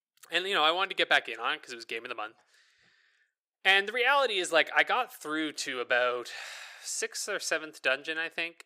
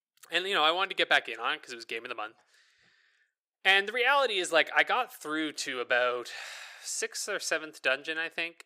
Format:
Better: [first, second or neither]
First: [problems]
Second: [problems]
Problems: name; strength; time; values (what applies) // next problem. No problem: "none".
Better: neither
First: thin; somewhat; fading below 450 Hz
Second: thin; somewhat; fading below 450 Hz